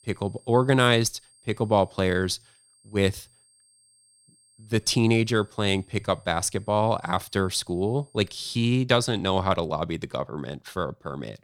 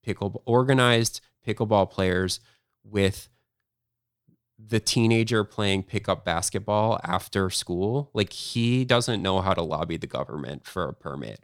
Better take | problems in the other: second | high-pitched whine; faint; until 8.5 s; 8.5 kHz, 30 dB below the speech

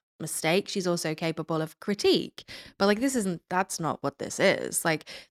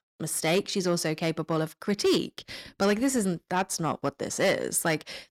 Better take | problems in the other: first | distortion; slight; 10 dB below the speech

